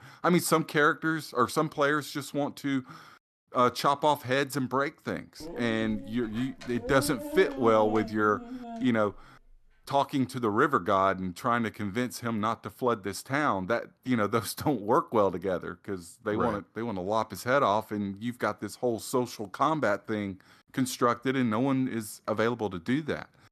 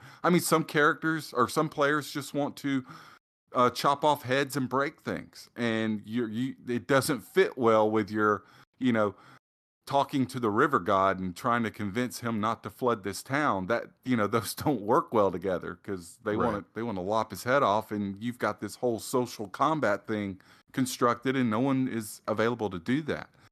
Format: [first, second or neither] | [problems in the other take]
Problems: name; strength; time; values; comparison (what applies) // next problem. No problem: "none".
second | dog barking; noticeable; from 5.5 to 9.5 s; peak 7 dB below the speech